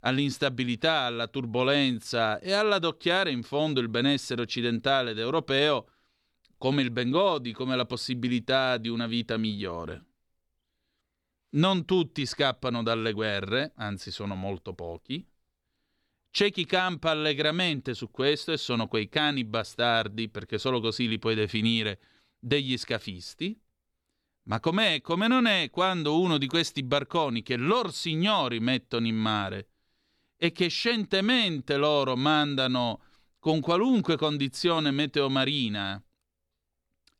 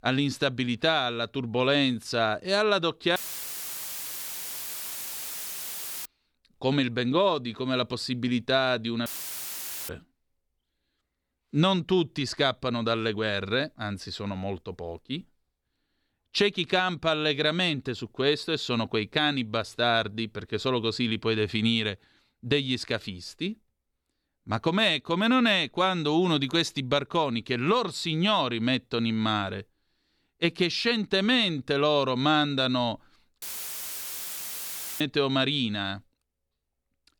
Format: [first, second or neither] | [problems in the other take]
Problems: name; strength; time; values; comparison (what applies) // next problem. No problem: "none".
first | audio cutting out; filled with static; at 3 s for 3 s, at 9 s for 1 s and at 33 s for 1.5 s